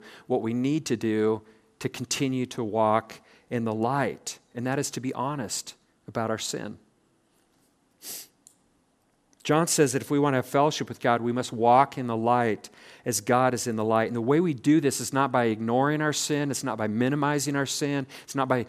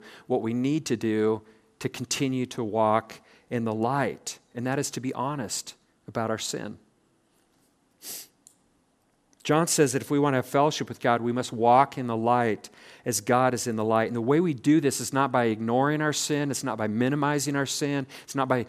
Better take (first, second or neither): neither